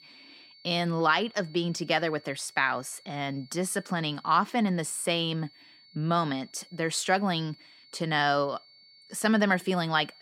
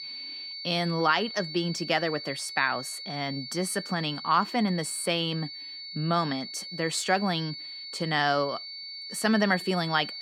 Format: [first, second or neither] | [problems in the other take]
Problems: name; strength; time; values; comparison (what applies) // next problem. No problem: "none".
first | high-pitched whine; loud; throughout; 4.5 kHz, 9 dB below the speech; faint in the first